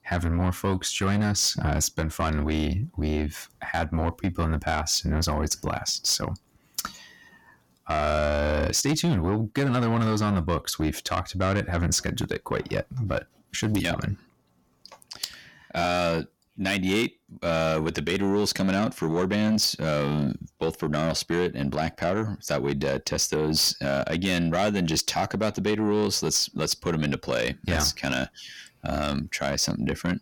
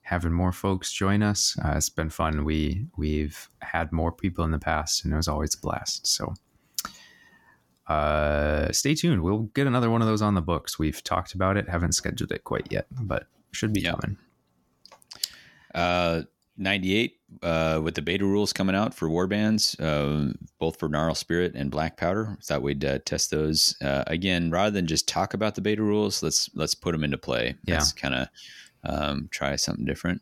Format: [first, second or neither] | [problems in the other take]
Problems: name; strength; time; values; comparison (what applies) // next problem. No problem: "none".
second | distortion; slight; 10 dB below the speech